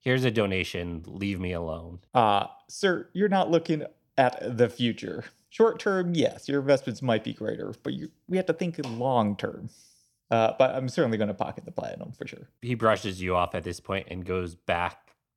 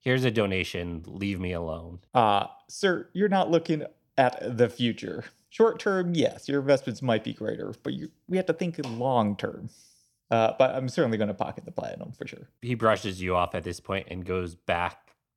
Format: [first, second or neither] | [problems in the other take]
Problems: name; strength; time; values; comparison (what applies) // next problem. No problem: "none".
neither | none